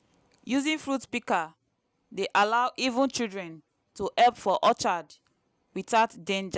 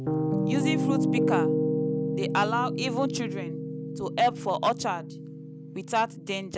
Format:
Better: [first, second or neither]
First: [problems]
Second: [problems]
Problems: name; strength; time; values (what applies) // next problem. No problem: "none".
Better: first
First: none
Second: background sound (Piano); 2 dB above the speech